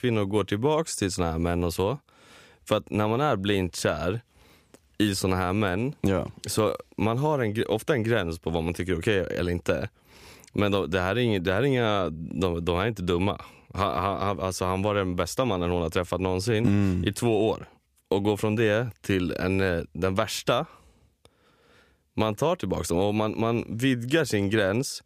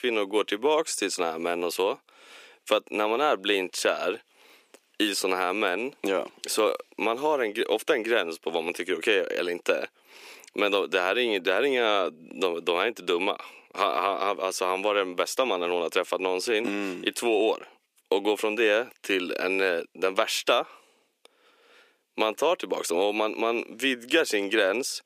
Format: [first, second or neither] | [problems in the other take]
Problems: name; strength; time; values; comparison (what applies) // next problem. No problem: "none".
first | thin; somewhat; fading below 300 Hz